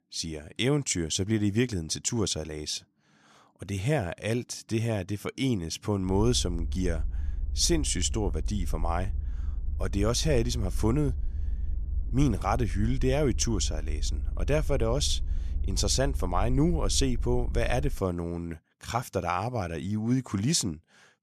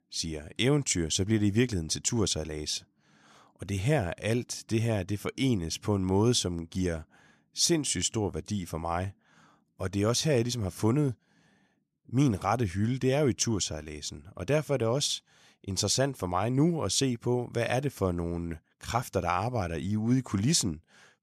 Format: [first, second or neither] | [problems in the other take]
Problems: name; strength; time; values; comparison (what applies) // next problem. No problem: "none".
second | low rumble; faint; from 6 to 18 s; 25 dB below the speech